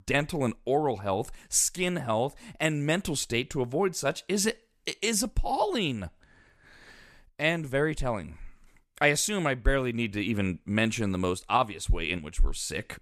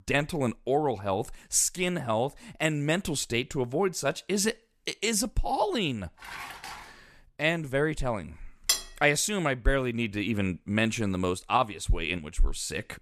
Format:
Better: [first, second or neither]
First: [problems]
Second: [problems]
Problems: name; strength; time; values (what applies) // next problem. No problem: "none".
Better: first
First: none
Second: clattering dishes; faint; at 6 s; peak 10 dB below the speech // clattering dishes; loud; at 8.5 s; peak 1 dB above the speech